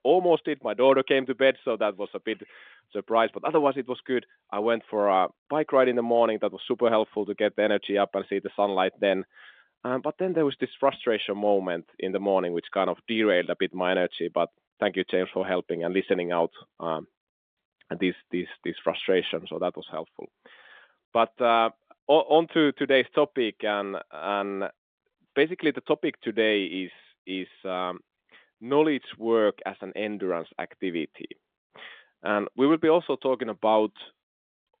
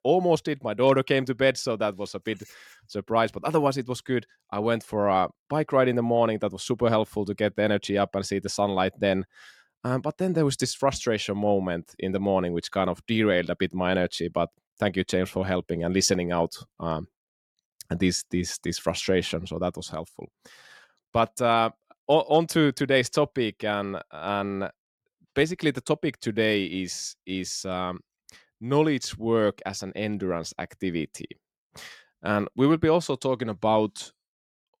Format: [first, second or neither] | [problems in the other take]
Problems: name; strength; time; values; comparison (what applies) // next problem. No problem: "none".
second | phone-call audio; nothing above 3.5 kHz